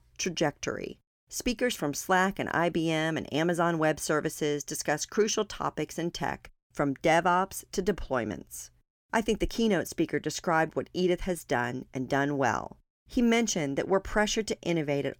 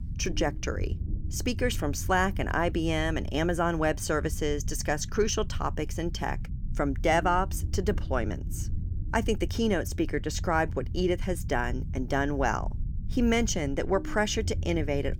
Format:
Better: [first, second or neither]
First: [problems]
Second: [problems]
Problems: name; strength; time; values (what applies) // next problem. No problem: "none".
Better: first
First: none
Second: low rumble; faint; throughout; 20 dB below the speech